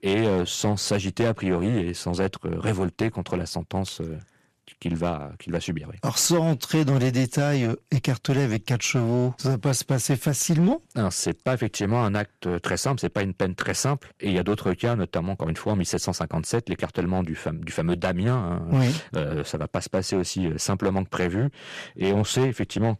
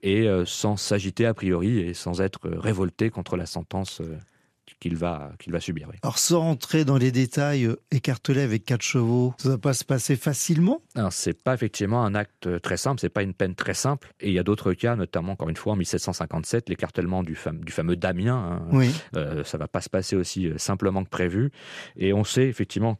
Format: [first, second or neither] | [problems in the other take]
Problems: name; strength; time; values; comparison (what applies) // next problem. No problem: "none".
second | distortion; slight; 6% of the sound clipped